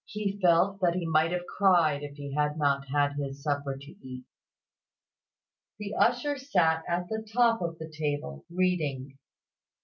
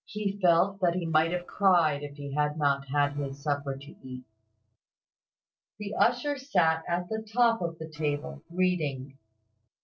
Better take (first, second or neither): first